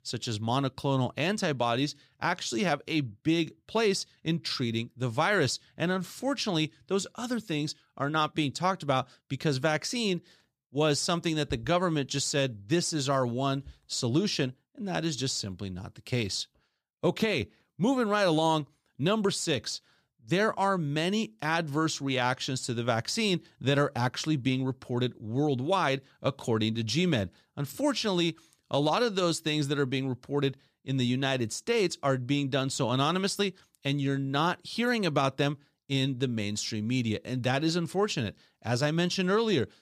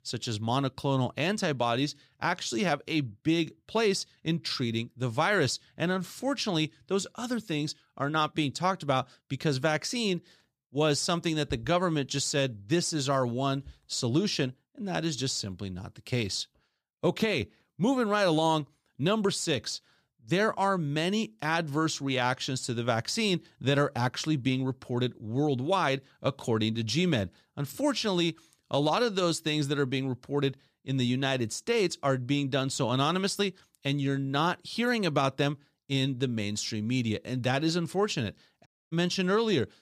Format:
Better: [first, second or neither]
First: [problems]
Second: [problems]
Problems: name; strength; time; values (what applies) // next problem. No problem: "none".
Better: first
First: none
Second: audio cutting out; at 39 s